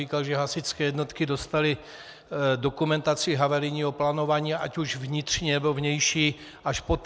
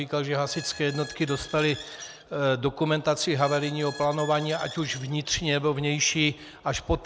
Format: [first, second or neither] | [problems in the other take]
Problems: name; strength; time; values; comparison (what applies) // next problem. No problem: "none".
first | background sound (Squeak); 17 dB below the speech